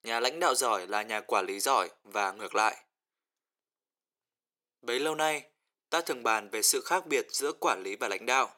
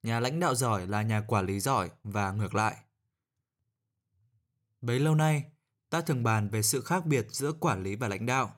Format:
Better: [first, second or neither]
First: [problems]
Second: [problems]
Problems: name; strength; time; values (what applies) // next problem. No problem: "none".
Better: second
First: thin; very; fading below 350 Hz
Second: none